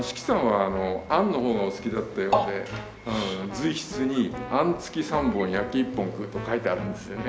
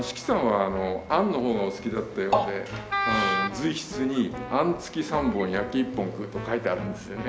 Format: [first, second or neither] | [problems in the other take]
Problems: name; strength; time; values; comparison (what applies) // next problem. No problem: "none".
first | background sound (Wind instrument, woodwind instrument); 2 dB below the speech